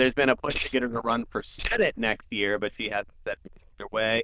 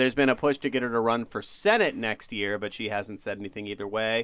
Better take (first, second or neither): second